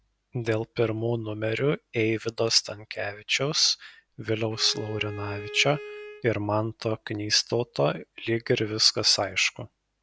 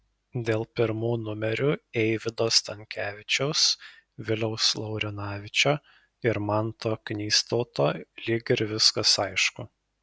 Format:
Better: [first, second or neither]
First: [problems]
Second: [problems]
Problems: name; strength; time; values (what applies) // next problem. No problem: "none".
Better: second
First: background sound (Bowed string instrument); 14 dB below the speech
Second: none